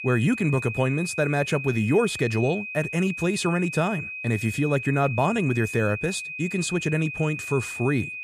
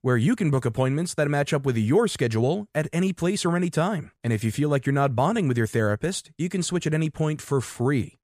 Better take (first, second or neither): second